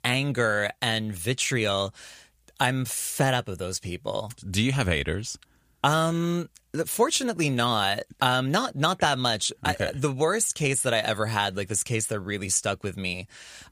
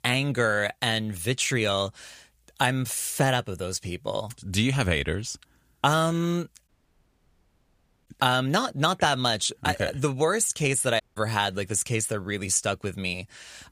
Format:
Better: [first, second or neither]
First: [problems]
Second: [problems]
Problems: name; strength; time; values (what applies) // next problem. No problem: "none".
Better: first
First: none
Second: audio cutting out; at 6.5 s for 1.5 s and at 11 s